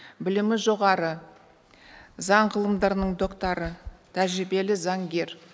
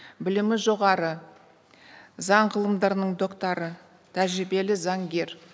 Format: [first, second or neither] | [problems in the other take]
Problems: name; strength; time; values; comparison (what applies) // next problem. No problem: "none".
second | background sound (Tap); 18 dB below the speech